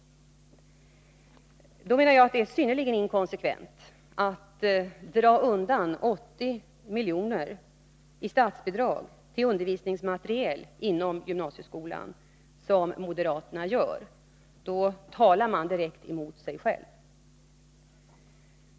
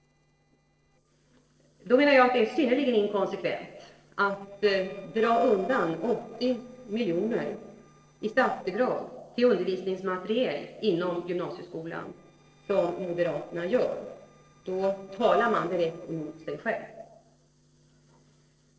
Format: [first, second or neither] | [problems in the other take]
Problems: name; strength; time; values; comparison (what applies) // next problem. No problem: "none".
first | noise reduction (neural separator model SepFormer DNS4)